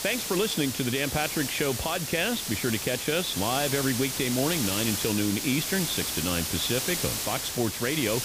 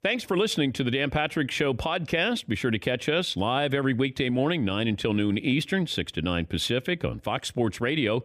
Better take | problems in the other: second | hiss; loud; throughout; 1 dB below the speech

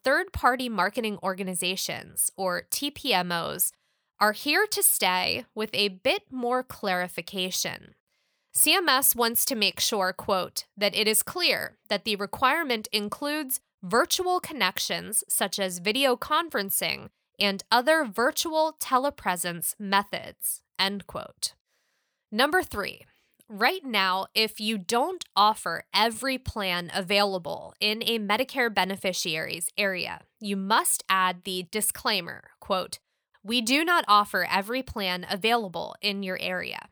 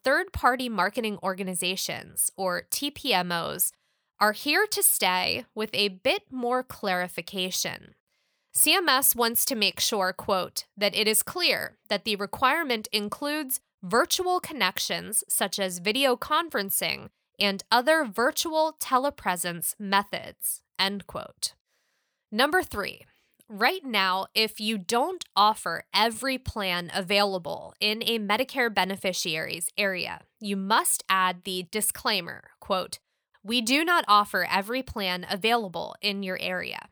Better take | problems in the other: neither | none

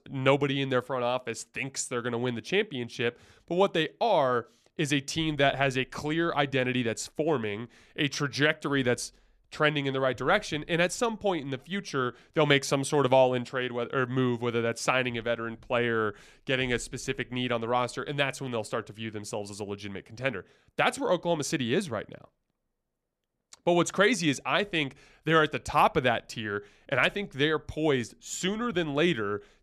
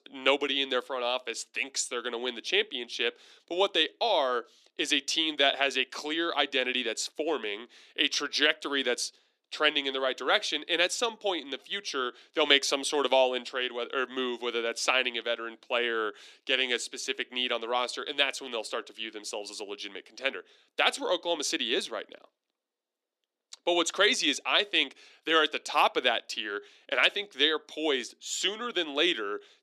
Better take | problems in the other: first | thin; somewhat; fading below 300 Hz

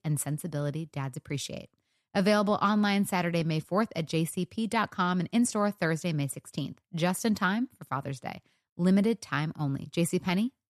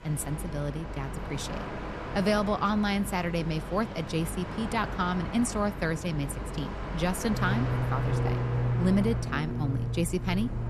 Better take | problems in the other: first | train or aircraft noise; loud; throughout; 3 dB below the speech

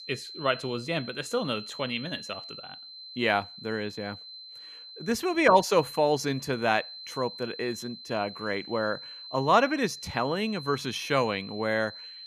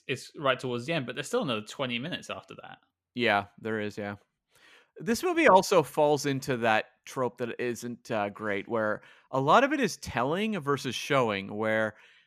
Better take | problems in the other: second | high-pitched whine; noticeable; throughout; 4 kHz, 15 dB below the speech

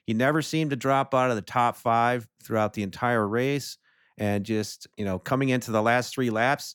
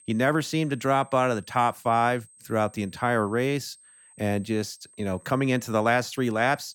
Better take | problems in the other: first | high-pitched whine; faint; throughout; 8.5 kHz, 25 dB below the speech

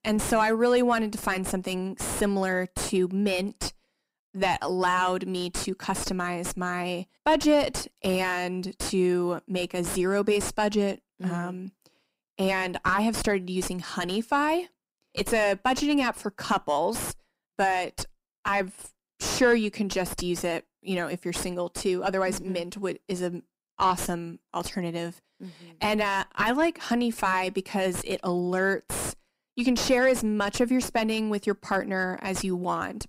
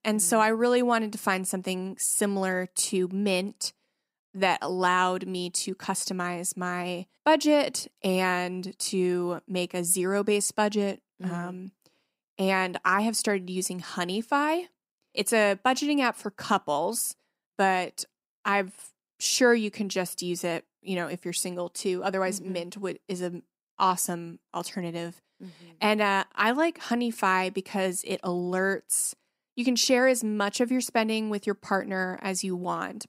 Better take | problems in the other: second | distortion; heavy; 4 dB below the speech

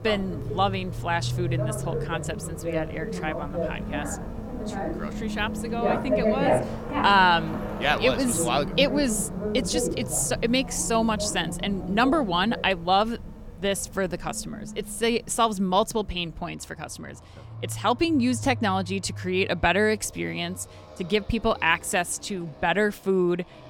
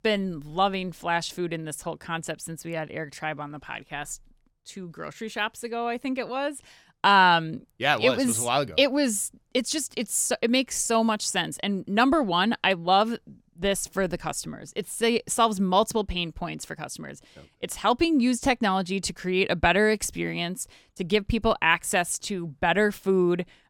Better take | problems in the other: second | traffic noise; loud; throughout; 6 dB below the speech

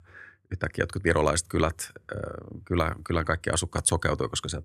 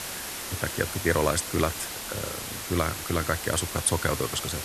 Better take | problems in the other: first | hiss; loud; throughout; 5 dB below the speech

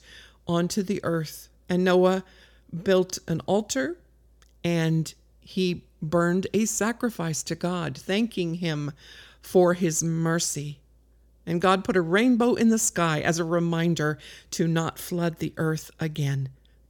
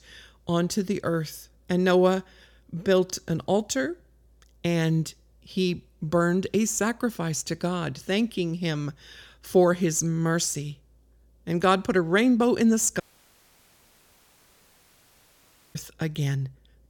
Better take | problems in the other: first | audio cutting out; at 13 s for 3 s

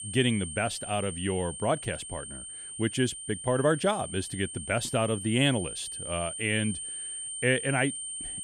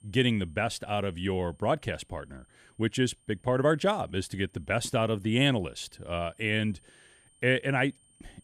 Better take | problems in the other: second | high-pitched whine; loud; throughout; 8.5 kHz, 7 dB below the speech; faint in the second

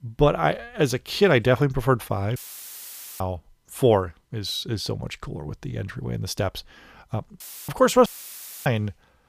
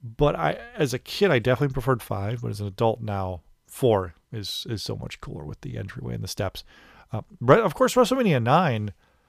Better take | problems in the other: second | audio cutting out; filled with static; at 2.5 s for 1 s, at 7.5 s and at 8 s for 0.5 s

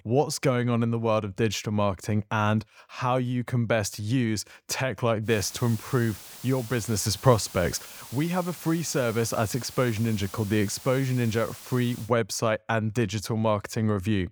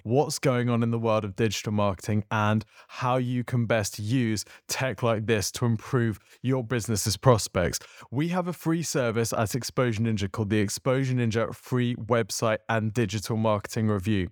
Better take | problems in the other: second | hiss; noticeable; from 5.5 to 12 s; 15 dB below the speech

